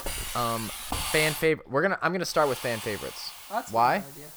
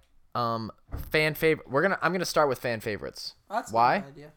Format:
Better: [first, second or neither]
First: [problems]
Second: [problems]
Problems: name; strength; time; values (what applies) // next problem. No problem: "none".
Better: second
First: hiss; loud; until 1.5 s and from 2.5 s on; 8 dB below the speech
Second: none